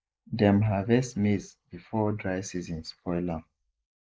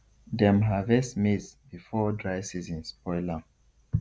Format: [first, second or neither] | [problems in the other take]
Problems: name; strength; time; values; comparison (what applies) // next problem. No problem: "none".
second | noise reduction (neural mask model Resemble Enhance denoiser)